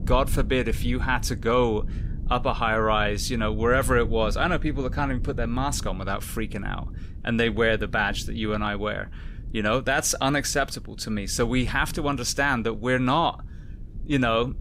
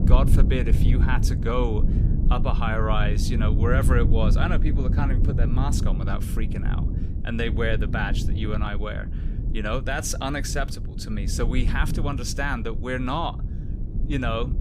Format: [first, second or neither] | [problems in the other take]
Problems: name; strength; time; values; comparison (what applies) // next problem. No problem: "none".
first | low rumble; loud; throughout; 9 dB below the speech; faint in the first